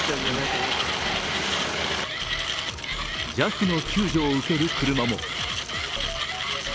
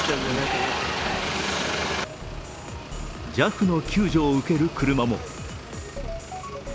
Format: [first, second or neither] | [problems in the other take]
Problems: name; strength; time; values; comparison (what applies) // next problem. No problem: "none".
second | background sound (Mechanisms); 2 dB below the speech